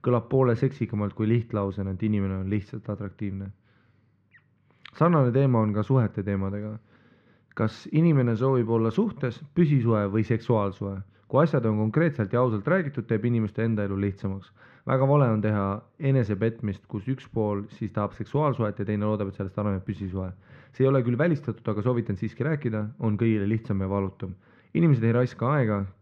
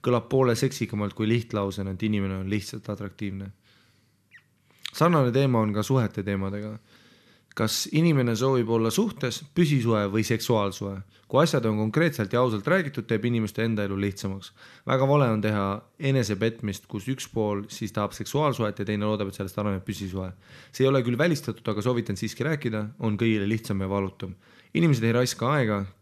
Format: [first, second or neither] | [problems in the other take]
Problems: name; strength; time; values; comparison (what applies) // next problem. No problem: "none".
second | muffled; very; fading above 1.5 kHz